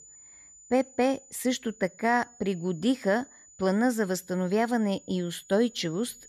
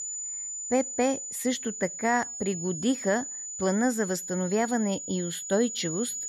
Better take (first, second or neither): first